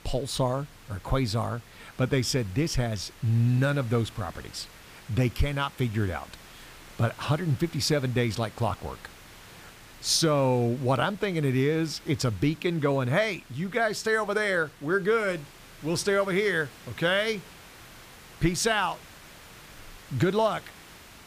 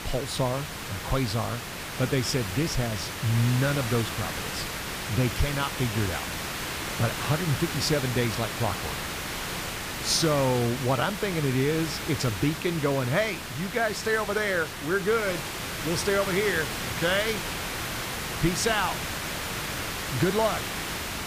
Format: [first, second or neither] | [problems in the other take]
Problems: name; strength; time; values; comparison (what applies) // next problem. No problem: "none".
first | hiss; loud; throughout; 4 dB below the speech; faint in the first